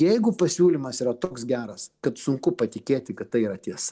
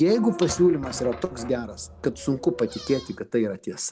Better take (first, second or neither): first